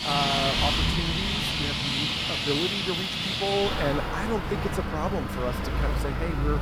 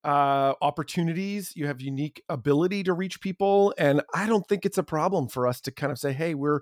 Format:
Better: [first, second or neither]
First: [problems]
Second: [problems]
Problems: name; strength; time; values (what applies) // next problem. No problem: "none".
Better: second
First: traffic noise; very loud; throughout; 5 dB above the speech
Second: none